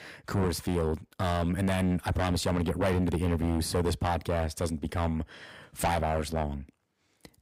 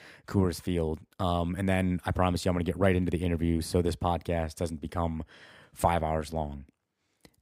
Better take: second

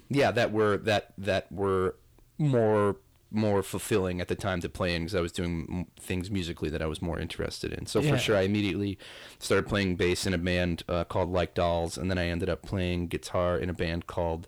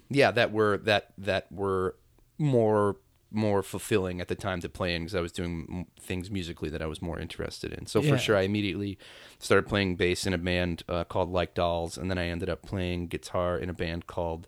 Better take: second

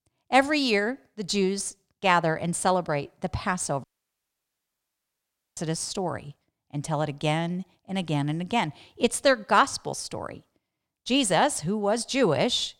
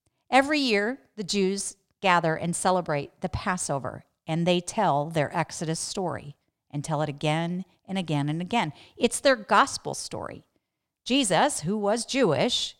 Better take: second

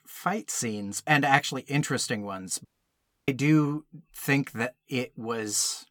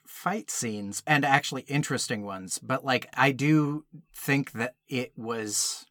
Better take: second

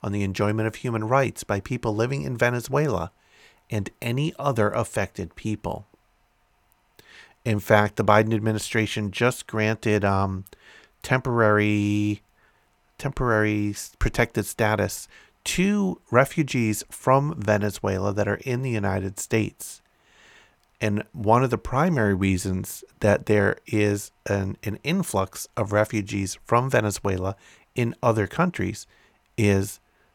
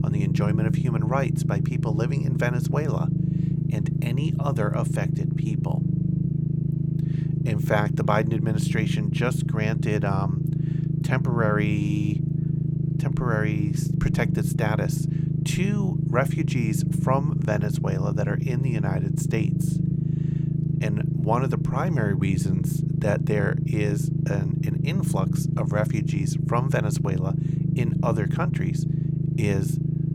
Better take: first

